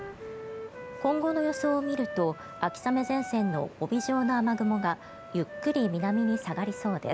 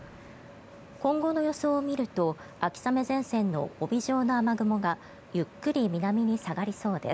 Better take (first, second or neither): second